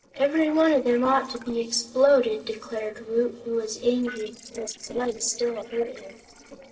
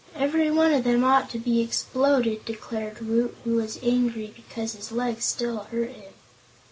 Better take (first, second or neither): second